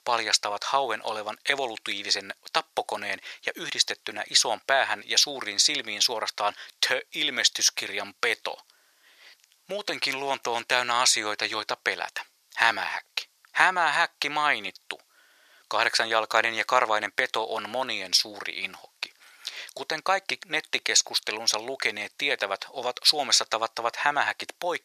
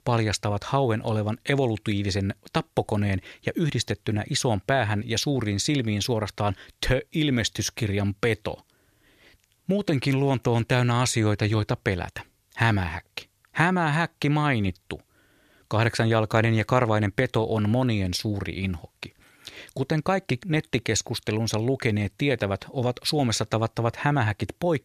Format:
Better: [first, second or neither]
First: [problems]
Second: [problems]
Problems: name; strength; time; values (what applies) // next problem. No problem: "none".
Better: second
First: thin; very; fading below 850 Hz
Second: none